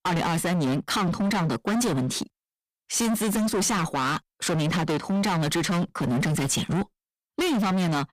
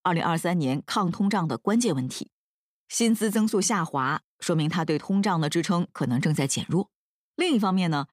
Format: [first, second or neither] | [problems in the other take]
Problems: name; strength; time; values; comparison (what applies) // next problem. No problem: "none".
second | distortion; heavy; 36% of the sound clipped